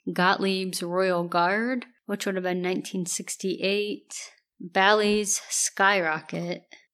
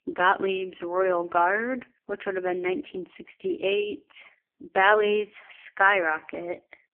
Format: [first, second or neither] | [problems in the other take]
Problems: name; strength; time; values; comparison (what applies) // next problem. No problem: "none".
first | phone-call audio; poor line; nothing above 3 kHz